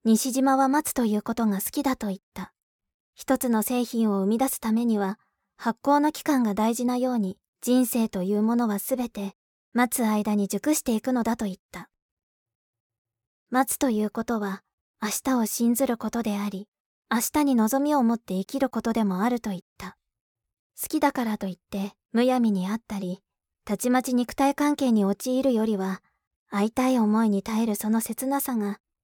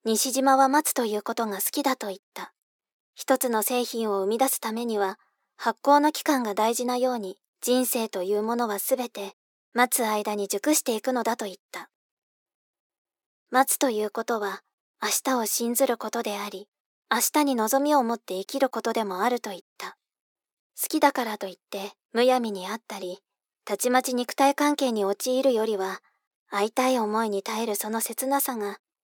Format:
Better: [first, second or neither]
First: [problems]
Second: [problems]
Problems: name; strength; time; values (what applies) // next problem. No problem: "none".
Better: first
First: none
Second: thin; somewhat; fading below 300 Hz